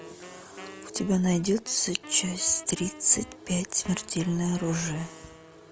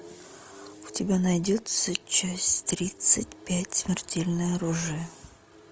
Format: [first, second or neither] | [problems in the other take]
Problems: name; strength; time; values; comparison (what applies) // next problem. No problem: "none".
second | background sound (Wind instrument, woodwind instrument); 19 dB below the speech